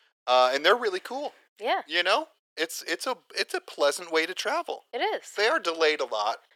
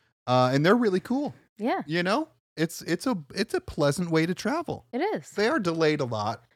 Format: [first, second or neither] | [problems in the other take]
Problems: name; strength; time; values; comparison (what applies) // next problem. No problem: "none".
second | thin; very; fading below 450 Hz